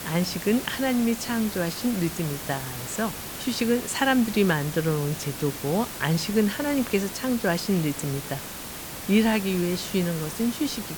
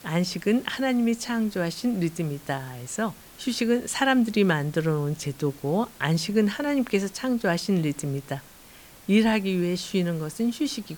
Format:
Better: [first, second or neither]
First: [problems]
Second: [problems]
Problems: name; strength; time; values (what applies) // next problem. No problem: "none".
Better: second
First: hiss; loud; throughout; 8 dB below the speech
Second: hiss; faint; throughout; 20 dB below the speech